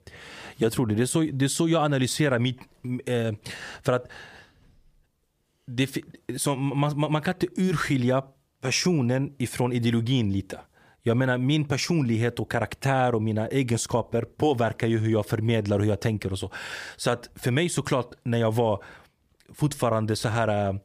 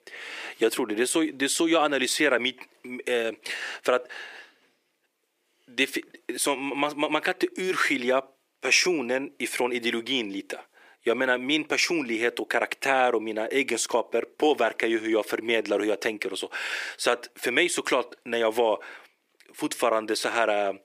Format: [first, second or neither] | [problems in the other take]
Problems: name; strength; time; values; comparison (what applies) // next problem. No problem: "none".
first | thin; somewhat; fading below 350 Hz